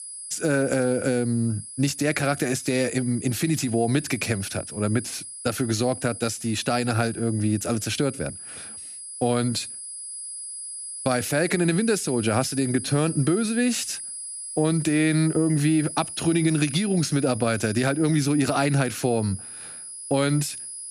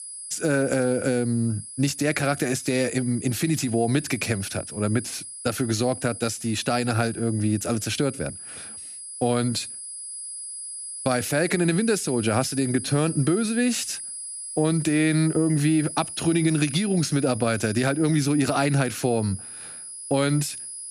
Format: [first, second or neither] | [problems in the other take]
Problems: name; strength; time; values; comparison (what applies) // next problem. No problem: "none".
neither | high-pitched whine; loud; throughout; 10 kHz, 10 dB below the speech; the same in both